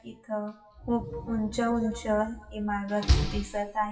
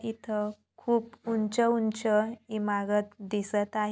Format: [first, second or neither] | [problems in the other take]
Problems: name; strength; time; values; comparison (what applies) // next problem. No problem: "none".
second | noise reduction (classical method WPE with log-MMSE)